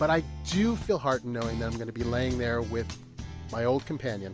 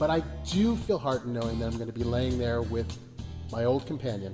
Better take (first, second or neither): first